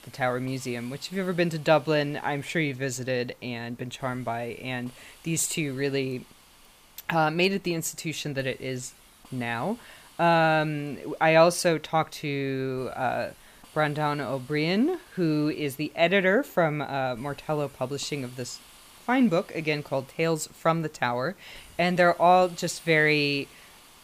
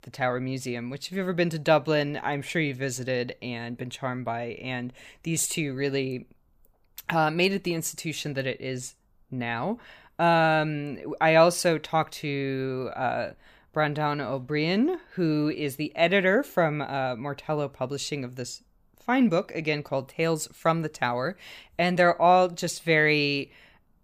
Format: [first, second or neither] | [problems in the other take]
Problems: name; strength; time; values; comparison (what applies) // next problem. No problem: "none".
second | hiss; faint; throughout; 25 dB below the speech